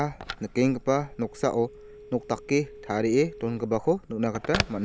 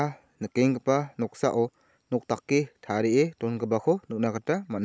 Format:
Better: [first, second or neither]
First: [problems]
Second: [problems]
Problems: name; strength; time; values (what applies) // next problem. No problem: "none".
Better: second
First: background sound (Telephone); 11 dB below the speech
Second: none